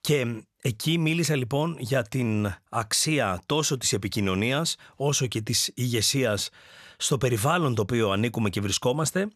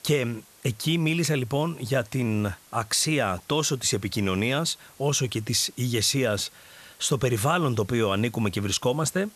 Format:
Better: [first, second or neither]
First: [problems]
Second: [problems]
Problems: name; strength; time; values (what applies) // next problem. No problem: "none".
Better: first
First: none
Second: hiss; faint; throughout; 25 dB below the speech